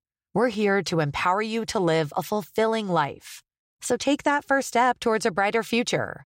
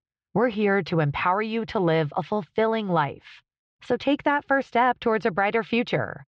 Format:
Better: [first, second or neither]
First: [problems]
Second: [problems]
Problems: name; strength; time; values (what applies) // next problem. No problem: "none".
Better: first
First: none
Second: muffled; slightly; fading above 3.5 kHz